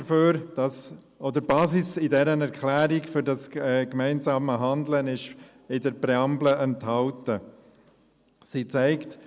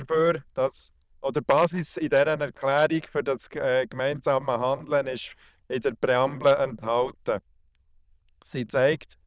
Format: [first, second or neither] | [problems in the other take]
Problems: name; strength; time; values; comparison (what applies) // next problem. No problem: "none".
first | noise reduction (neural diffusion model UNIVERSE++)